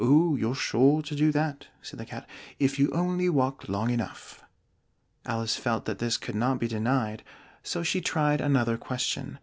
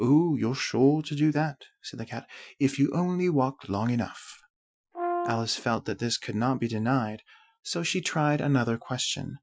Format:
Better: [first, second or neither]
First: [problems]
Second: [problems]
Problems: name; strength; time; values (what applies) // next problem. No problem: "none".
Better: first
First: none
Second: noise reduction (classical method Wiener filter)